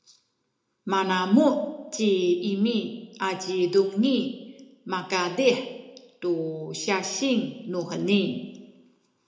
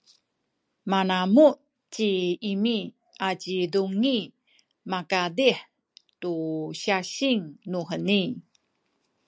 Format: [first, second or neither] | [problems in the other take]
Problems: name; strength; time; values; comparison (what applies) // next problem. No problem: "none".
second | room echo; dies away in 0.7 s